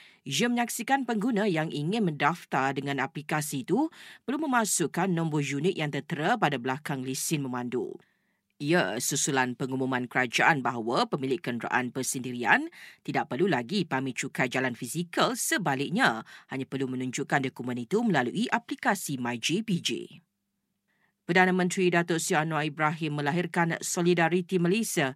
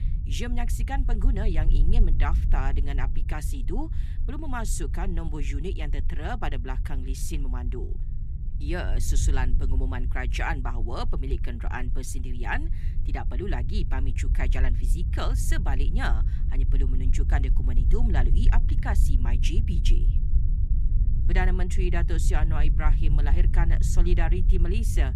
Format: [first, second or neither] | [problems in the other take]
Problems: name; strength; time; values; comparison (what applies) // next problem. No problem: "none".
first | low rumble; noticeable; throughout; 10 dB below the speech